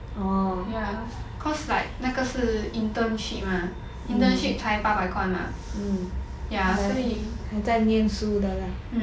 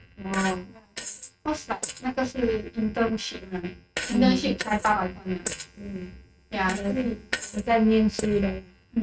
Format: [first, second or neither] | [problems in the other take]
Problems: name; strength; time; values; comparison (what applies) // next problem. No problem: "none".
first | noise reduction (neural mask model RNNoise)